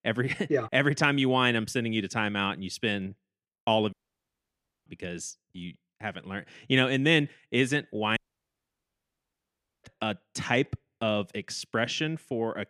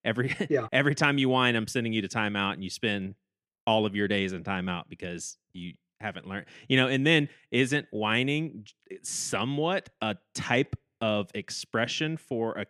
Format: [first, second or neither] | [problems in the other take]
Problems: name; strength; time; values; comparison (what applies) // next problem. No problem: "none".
second | audio cutting out; at 4 s for 1 s and at 8 s for 1.5 s